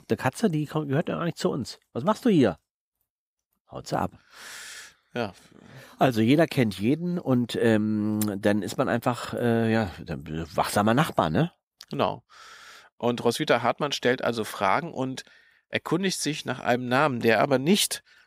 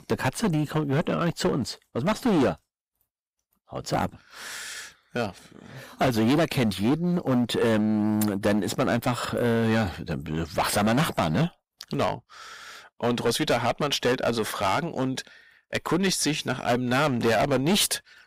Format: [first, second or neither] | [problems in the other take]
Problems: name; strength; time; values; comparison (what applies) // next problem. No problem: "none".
first | distortion; heavy; 11% of the sound clipped